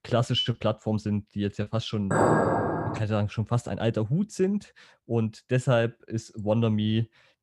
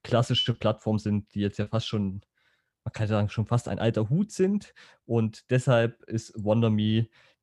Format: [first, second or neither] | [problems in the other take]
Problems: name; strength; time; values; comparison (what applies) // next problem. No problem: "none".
second | clattering dishes; loud; at 2 s; peak 6 dB above the speech